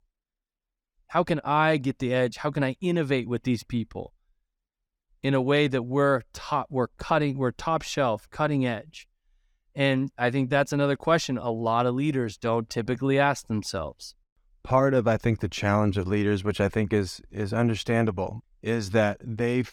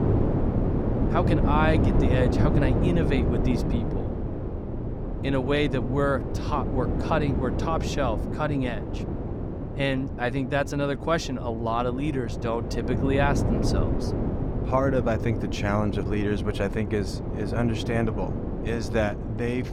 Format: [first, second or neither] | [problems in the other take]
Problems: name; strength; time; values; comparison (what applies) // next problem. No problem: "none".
first | wind noise on the microphone; heavy; 5 dB below the speech